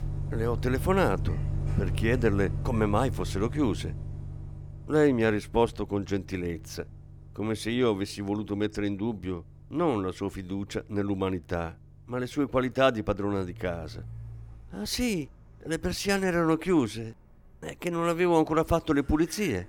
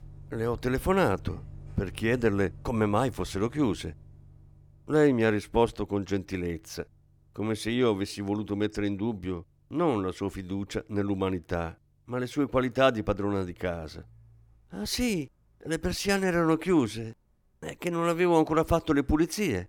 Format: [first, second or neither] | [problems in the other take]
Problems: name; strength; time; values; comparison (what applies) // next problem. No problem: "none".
second | traffic noise; loud; throughout; 8 dB below the speech; faint in the second